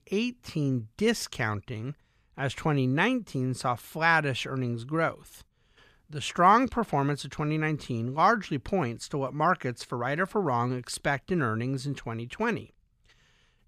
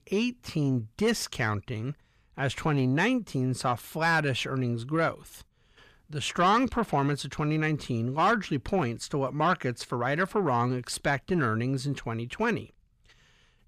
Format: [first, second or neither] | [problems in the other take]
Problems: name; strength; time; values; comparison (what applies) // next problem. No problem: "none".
first | distortion; slight; 10 dB below the speech